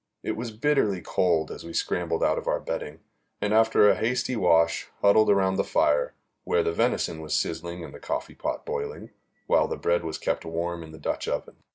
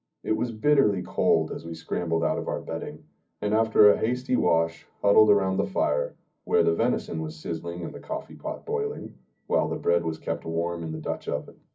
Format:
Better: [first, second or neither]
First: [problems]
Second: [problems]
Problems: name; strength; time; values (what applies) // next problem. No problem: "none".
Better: first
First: none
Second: room echo; dies away in 0.4 s